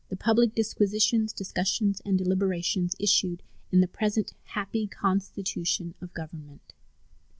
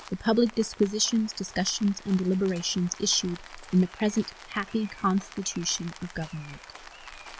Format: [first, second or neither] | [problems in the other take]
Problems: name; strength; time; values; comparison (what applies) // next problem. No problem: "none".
first | background sound (Rain); 19 dB below the speech